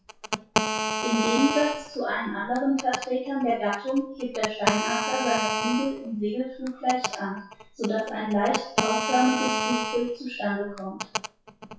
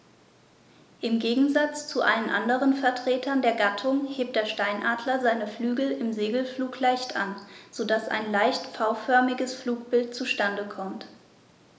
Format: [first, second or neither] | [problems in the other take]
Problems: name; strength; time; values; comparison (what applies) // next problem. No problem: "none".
second | noise reduction (classical method WPE with log-MMSE)